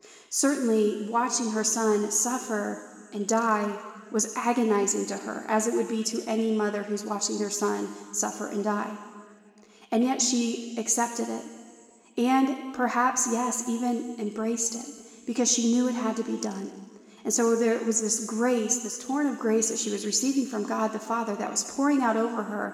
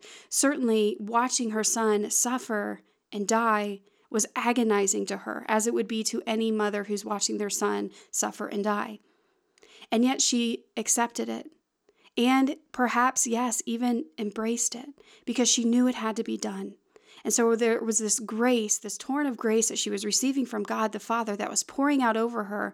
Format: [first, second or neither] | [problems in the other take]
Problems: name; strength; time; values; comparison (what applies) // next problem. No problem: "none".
second | room echo; slight; dies away in 1.6 s